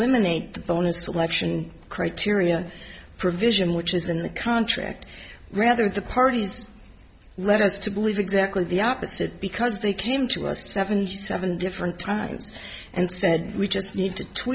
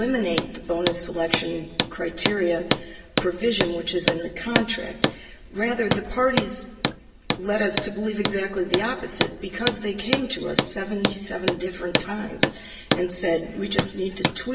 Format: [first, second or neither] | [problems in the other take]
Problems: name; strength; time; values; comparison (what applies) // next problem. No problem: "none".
first | background sound (Hammer); 2 dB below the speech // room echo; dies away in 1.3 s